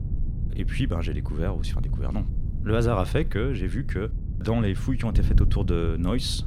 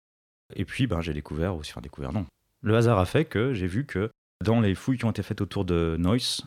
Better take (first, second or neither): second